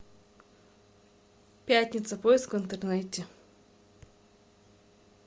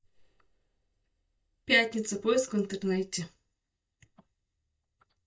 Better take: first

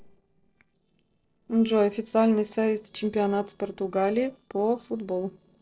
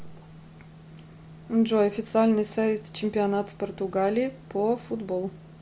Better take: second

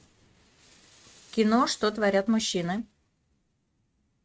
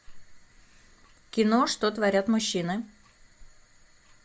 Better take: second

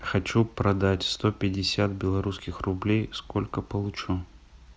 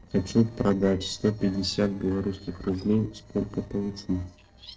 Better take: first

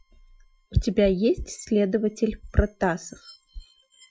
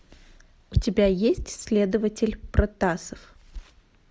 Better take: second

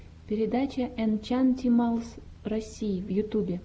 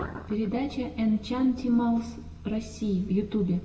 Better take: first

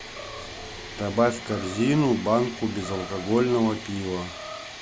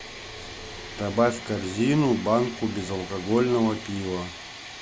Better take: second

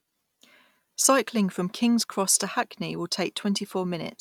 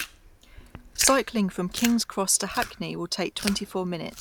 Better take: first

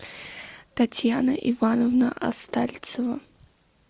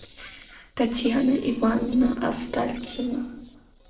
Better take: first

